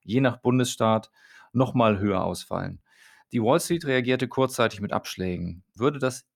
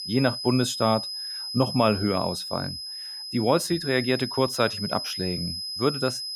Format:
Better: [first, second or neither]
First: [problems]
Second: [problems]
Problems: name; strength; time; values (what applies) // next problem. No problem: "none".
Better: first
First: none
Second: high-pitched whine; loud; throughout; 5 kHz, 5 dB below the speech